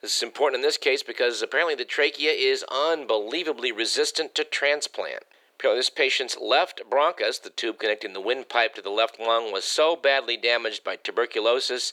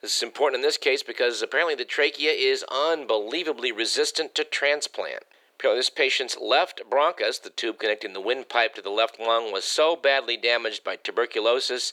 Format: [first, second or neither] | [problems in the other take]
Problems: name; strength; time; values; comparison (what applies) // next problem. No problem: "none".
neither | thin; very; fading below 400 Hz; the same in both